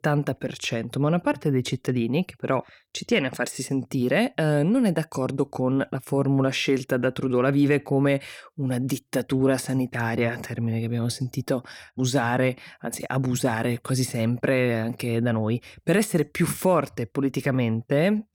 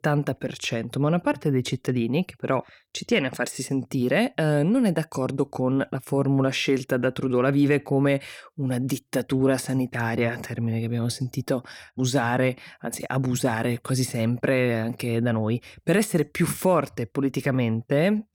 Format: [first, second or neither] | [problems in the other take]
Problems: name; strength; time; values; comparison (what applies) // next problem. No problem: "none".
neither | none